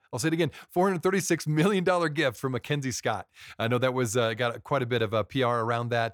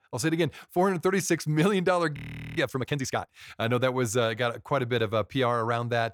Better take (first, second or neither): first